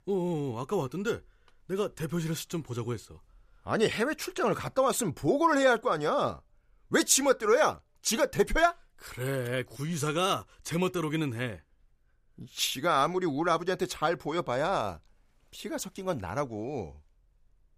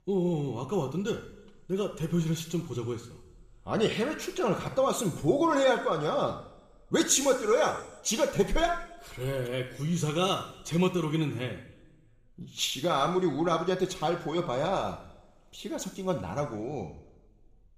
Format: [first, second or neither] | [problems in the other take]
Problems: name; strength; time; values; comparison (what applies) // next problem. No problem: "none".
first | room echo; slight; dies away in 1 s